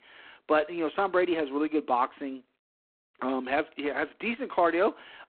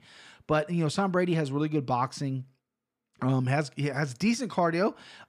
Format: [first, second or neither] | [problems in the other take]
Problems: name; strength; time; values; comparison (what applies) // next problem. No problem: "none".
second | phone-call audio; poor line; nothing above 4 kHz